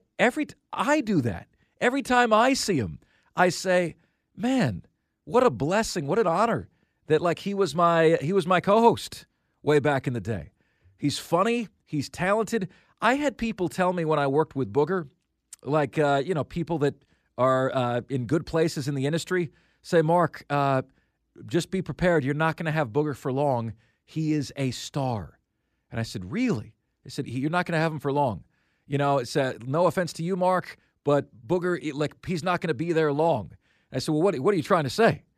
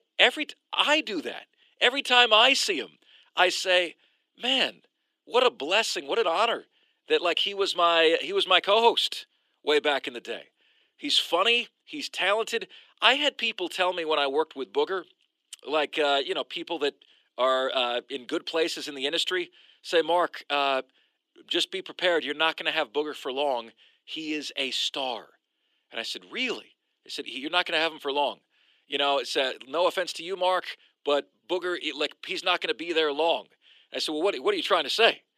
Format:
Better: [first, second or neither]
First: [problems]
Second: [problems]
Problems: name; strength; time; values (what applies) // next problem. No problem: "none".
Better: first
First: none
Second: thin; somewhat; fading below 350 Hz